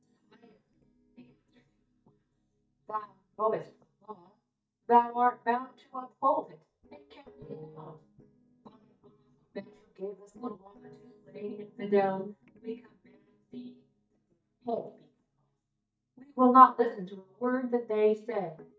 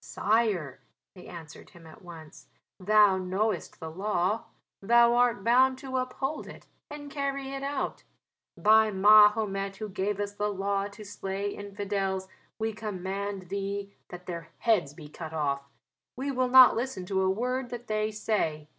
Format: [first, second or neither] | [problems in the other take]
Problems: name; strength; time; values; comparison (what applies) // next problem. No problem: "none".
second | noise reduction (neural mask model DeepFilterNet 3)